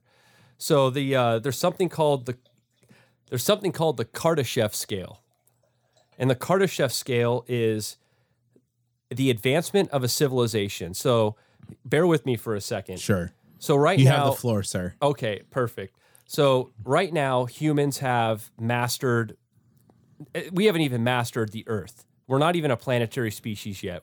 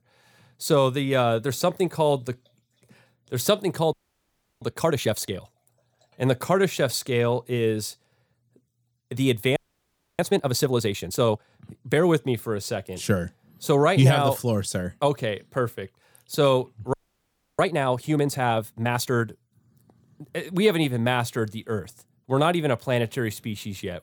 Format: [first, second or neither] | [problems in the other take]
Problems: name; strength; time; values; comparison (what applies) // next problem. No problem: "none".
first | audio freezing; at 4 s for 0.5 s, at 9.5 s for 0.5 s and at 17 s for 0.5 s